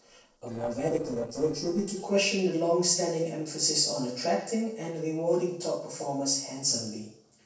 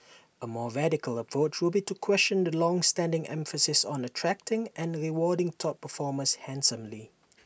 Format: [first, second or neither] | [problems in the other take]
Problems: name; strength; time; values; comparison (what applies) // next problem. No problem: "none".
second | noise reduction (neural separator model SepFormer DNS4)